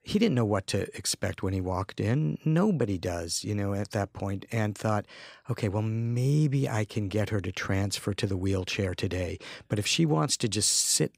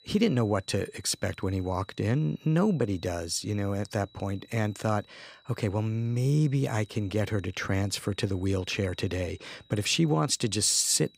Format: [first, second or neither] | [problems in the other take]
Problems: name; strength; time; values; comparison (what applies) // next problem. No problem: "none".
first | high-pitched whine; faint; throughout; 4 kHz, 30 dB below the speech